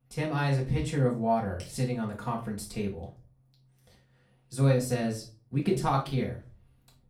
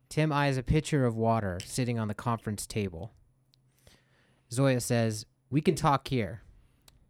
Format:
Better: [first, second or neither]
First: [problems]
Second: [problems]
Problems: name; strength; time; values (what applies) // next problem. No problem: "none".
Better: second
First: off-mic speech; far // room echo; slight; dies away in 0.3 s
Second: none